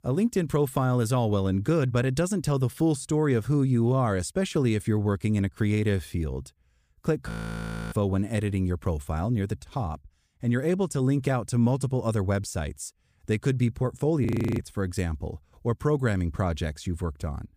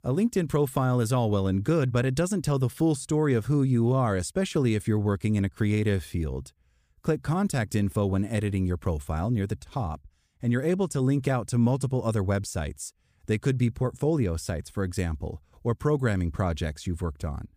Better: second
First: audio freezing; at 7.5 s for 0.5 s and at 14 s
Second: none

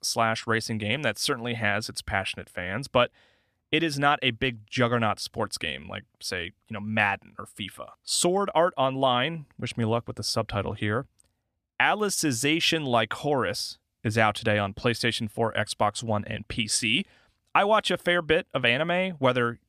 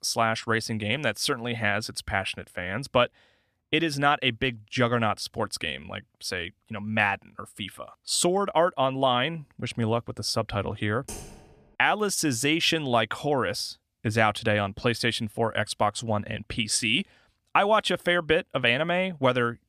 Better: first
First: none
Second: keyboard typing; faint; at 11 s; peak 15 dB below the speech

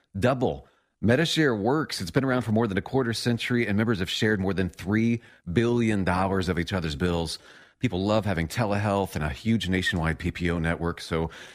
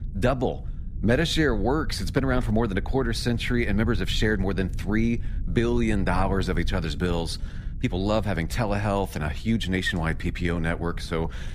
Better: first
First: none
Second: low rumble; faint; throughout; 20 dB below the speech

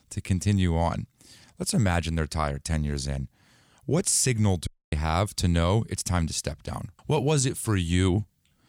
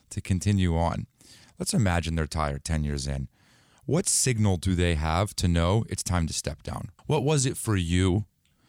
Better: second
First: audio cutting out; at 4.5 s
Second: none

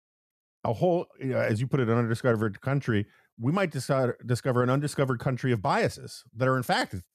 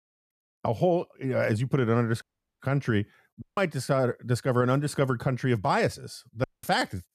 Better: first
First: none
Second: audio cutting out; at 2 s, at 3.5 s and at 6.5 s

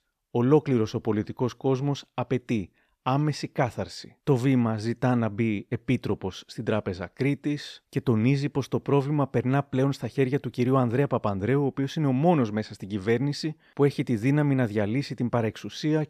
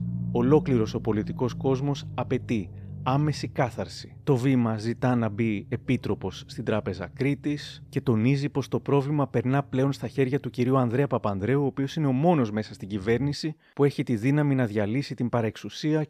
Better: first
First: none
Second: low rumble; faint; until 13 s; 20 dB below the speech

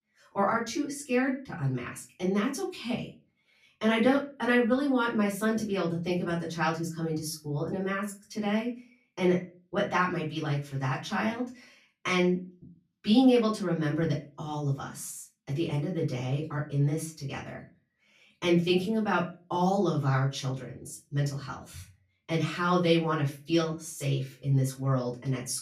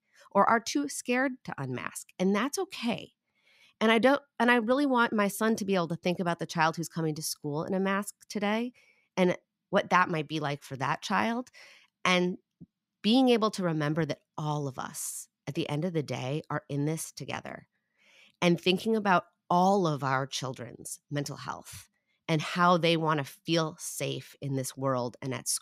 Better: second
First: room echo; slight; dies away in 0.3 s // off-mic speech; far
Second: none

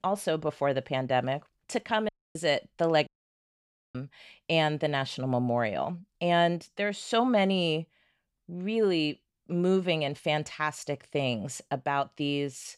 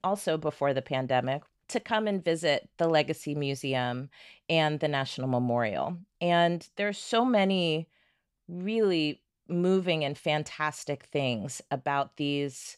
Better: second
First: audio cutting out; at 2 s and at 3 s for 1 s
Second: none

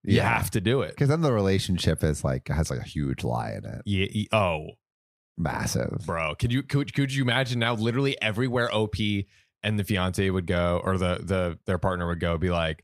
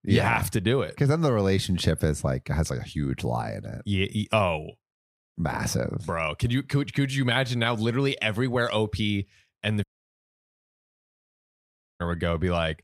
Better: first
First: none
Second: audio cutting out; at 10 s for 2 s

